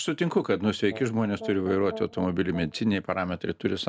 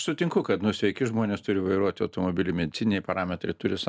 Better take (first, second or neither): second